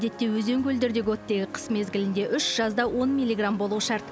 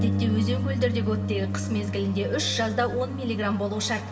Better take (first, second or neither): first